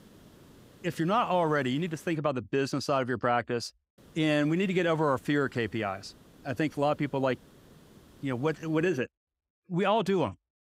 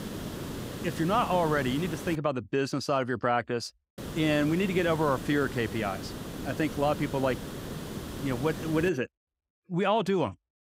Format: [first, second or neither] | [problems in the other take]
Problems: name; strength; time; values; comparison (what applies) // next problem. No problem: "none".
first | hiss; loud; until 2 s and from 4 to 9 s; 9 dB below the speech; faint in the first